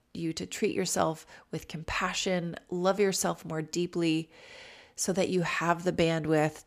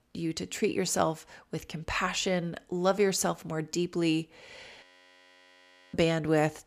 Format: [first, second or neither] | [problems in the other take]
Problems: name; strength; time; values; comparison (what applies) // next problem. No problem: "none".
first | audio freezing; at 5 s for 1 s